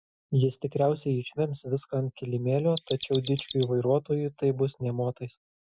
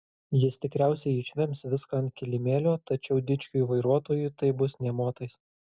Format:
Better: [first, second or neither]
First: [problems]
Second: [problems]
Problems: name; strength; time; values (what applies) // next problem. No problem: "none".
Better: second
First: noise reduction (classical method Wiener filter)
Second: none